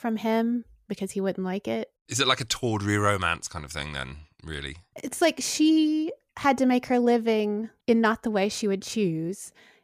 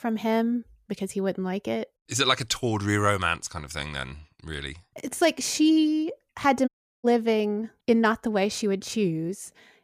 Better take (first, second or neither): first